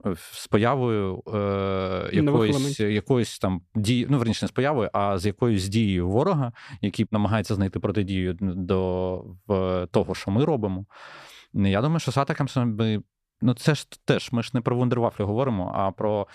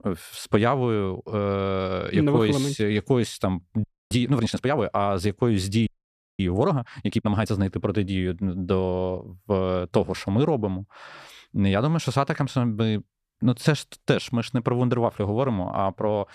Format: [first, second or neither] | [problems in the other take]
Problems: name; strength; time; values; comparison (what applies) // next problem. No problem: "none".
first | audio freezing; at 4 s and at 6 s for 0.5 s